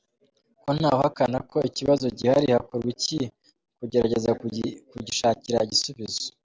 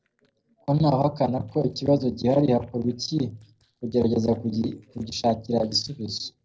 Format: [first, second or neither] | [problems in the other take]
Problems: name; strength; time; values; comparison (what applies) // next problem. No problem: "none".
first | noise reduction (neural separator model SepFormer DNS4)